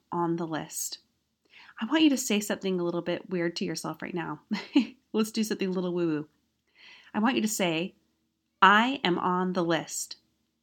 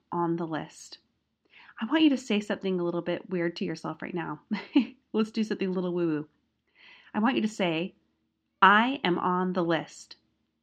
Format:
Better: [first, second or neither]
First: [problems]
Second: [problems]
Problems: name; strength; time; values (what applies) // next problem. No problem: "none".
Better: first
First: none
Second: muffled; slightly; fading above 3 kHz